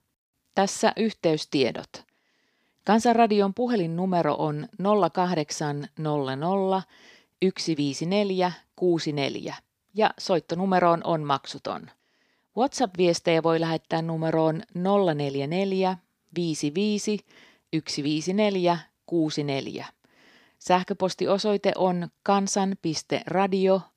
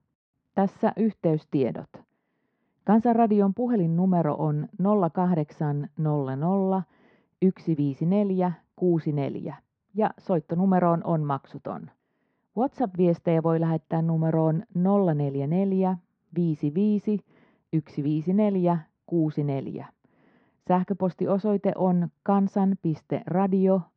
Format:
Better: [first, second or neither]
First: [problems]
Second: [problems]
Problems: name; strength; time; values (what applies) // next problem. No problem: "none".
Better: first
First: none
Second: muffled; very; fading above 1.5 kHz